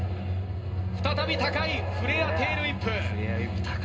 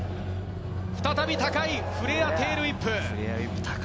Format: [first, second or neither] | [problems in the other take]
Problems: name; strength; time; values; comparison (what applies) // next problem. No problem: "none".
second | room echo; dies away in 0.2 s